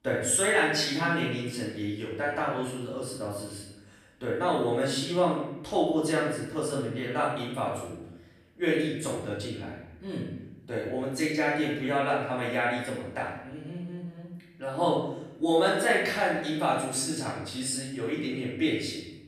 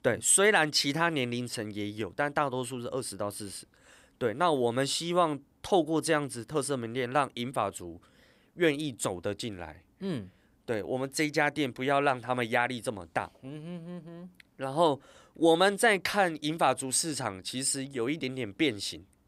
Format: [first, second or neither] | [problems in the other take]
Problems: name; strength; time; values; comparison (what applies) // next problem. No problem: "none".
second | off-mic speech; far // room echo; noticeable; dies away in 0.9 s